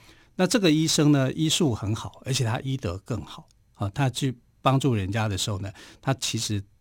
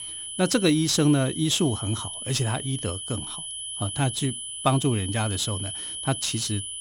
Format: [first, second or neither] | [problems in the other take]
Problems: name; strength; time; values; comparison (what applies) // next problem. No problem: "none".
first | high-pitched whine; loud; throughout; 10 kHz, 6 dB below the speech